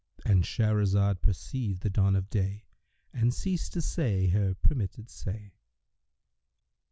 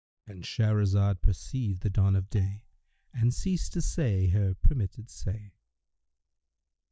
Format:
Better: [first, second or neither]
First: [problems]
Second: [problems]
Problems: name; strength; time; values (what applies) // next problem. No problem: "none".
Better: first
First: none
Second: noise reduction (neural mask model DeepFilterNet 3)